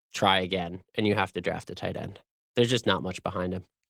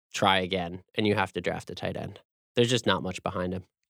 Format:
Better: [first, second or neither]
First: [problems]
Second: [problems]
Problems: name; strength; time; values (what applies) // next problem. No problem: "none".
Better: second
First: garbled, watery; slightly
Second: none